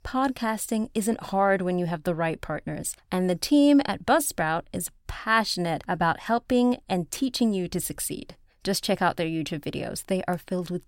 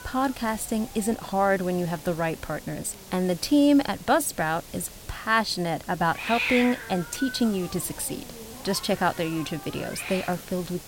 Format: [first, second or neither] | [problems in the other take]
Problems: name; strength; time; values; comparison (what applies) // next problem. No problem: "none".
first | hiss; noticeable; throughout; 10 dB below the speech